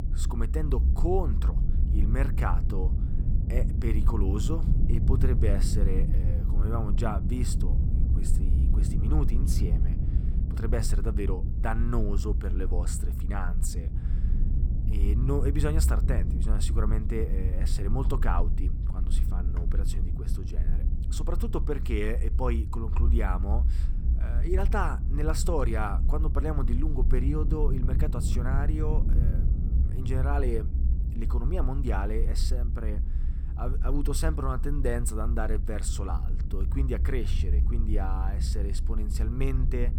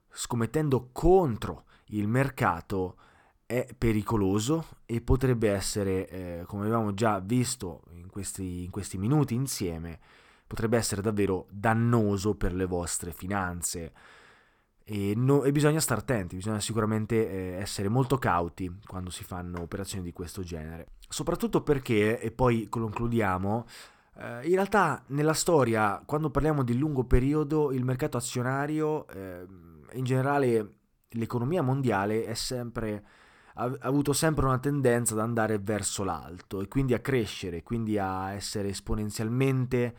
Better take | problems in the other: second | low rumble; loud; throughout; 8 dB below the speech

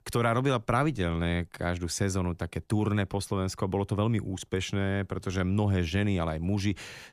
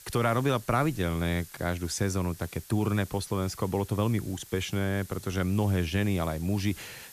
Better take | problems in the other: first | hiss; noticeable; throughout; 20 dB below the speech

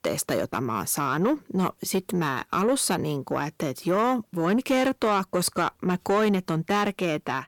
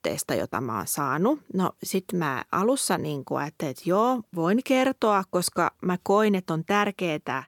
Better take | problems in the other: second | distortion; slight; 10 dB below the speech

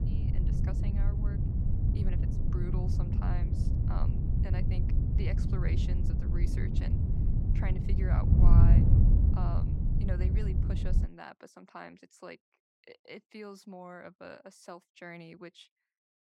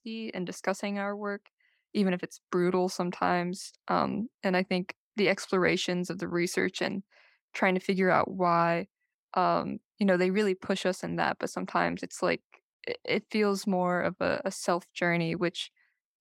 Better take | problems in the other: second | wind noise on the microphone; heavy; until 11 s; 3 dB above the speech

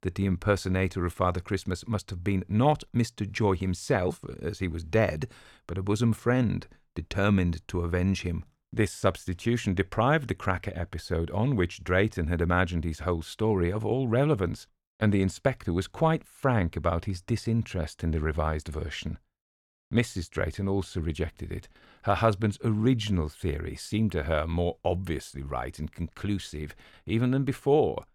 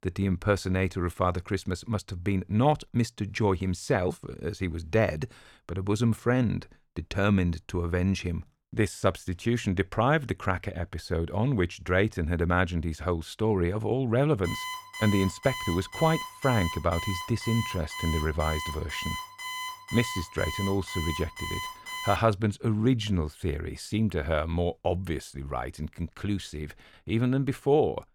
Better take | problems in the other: first | alarm; noticeable; from 14 to 22 s; peak 6 dB below the speech

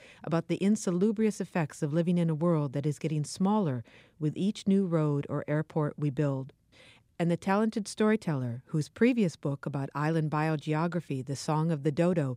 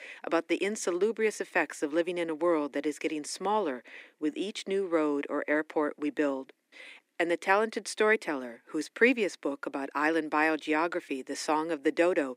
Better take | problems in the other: first | thin; somewhat; fading below 300 Hz

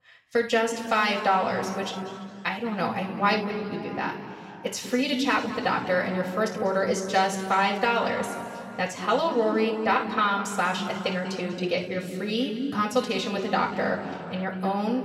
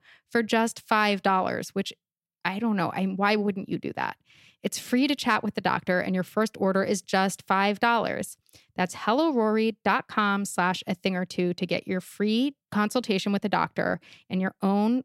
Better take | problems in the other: second | room echo; noticeable; dies away in 2.3 s // off-mic speech; far

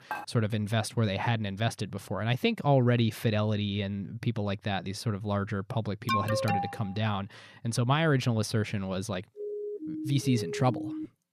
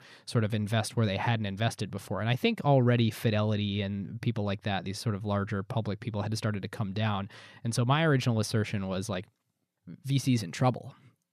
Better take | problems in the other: second | clattering dishes; noticeable; at the start; peak 9 dB below the speech // alarm; loud; at 6 s; peak level with the speech // siren; noticeable; from 9.5 s on; peak 7 dB below the speech

